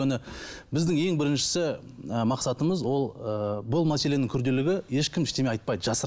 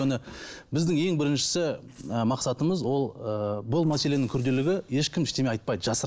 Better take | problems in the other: first | noise reduction (neural separator model SepFormer DNS4)

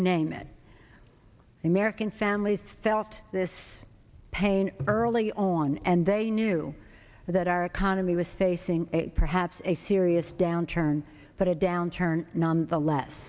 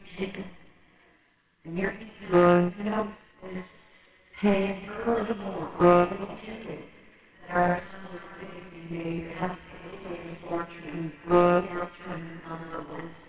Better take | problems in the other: first | noise reduction (neural separator model SepFormer WHAMR!)

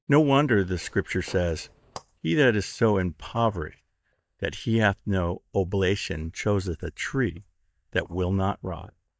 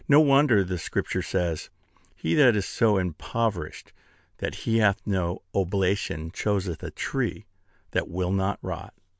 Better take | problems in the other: second | noise reduction (neural mask model DeepFilterNet 3)

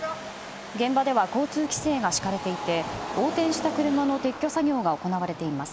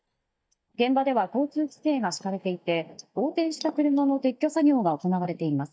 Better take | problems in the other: first | noise reduction (neural mask model DeepFilterNet 3)

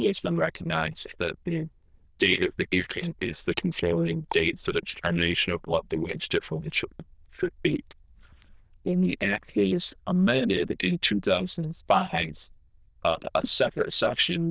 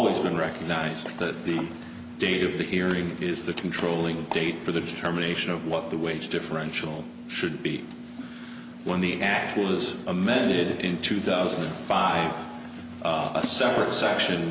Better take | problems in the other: second | noise reduction (neural diffusion model UNIVERSE++)

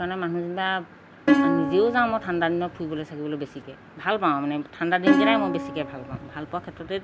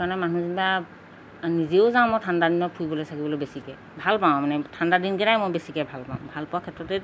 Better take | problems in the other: second | background sound (Plucked string instrument); 2 dB above the speech

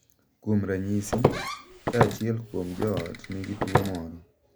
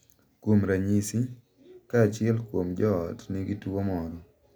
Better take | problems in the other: second | background sound (Walk, footsteps); 1 dB above the speech

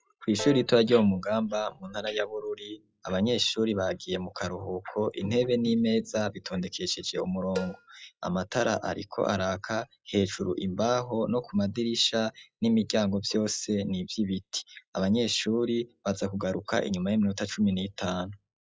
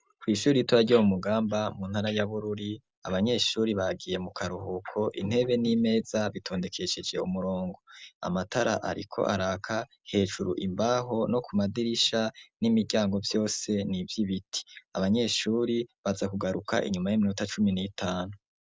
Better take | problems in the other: second | noise reduction (classical method log-MMSE)

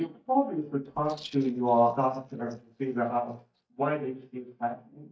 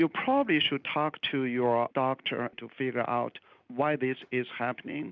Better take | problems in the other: second | noise reduction (neural mask model DeepFilterNet 3)

